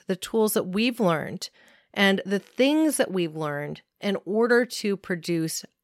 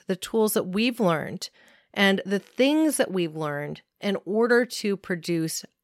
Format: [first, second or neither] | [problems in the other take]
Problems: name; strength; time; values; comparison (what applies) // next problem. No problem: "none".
neither | none